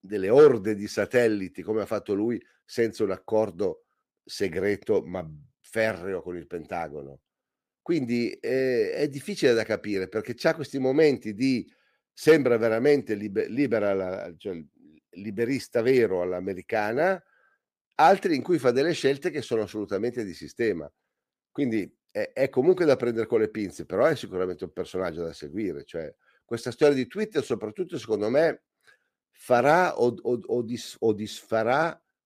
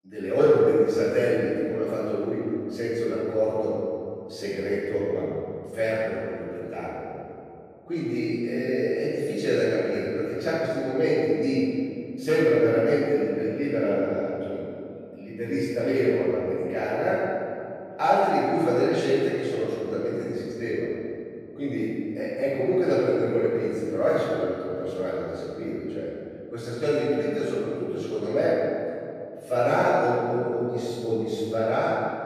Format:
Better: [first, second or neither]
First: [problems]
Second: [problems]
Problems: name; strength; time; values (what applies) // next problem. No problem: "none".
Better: first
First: none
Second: off-mic speech; far // room echo; strong; dies away in 2.5 s